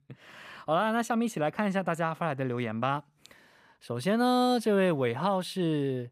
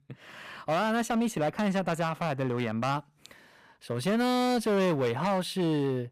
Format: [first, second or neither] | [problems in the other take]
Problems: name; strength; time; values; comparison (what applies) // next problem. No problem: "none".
first | distortion; slight; 14% of the sound clipped